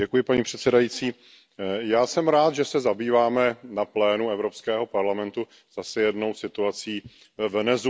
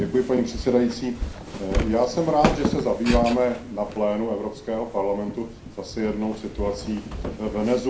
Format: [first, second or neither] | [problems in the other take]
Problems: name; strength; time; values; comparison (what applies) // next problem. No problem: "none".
first | background sound (Walk, footsteps); 6 dB below the speech // room echo; dies away in 0.5 s